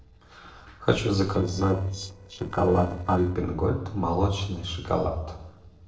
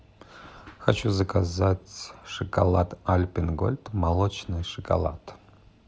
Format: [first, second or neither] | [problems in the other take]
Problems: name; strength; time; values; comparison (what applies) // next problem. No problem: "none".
second | noise reduction (neural separator model SepFormer DNS4)